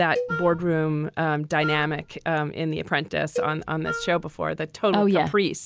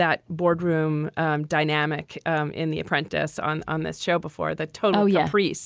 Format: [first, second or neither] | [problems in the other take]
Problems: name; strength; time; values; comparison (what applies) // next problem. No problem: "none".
second | background sound (Wind instrument, woodwind instrument + Cowbell); 10 dB below the speech